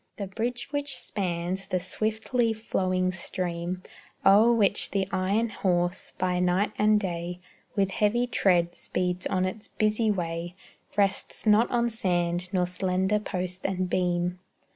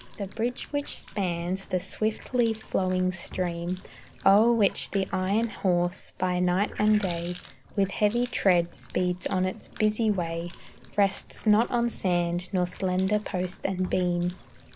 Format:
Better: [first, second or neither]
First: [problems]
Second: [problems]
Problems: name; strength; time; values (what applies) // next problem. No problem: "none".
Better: first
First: none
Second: background sound (Water tap, faucet); 19 dB below the speech